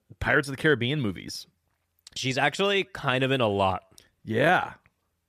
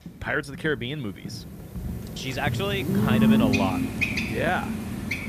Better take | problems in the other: first | animal sounds; very loud; throughout; 4 dB above the speech

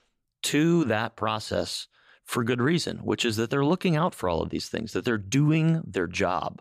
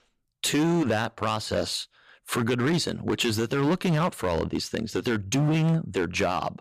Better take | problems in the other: first | distortion; slight; 12% of the sound clipped

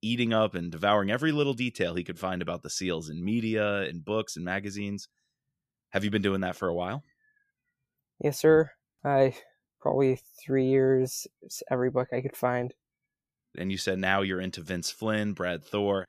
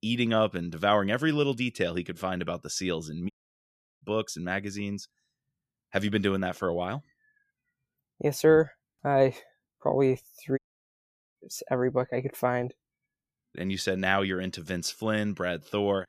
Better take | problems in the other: first | audio cutting out; at 3.5 s for 0.5 s and at 11 s for 1 s

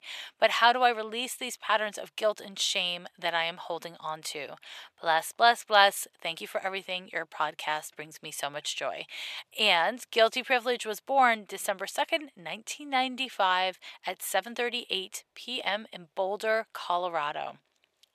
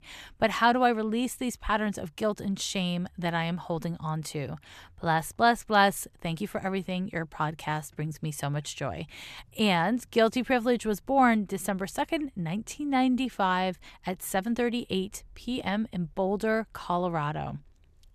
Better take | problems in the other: second | thin; very; fading below 550 Hz

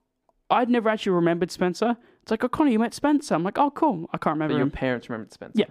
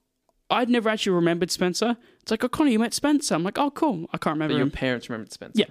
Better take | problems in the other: second | muffled; slightly; fading above 2.5 kHz

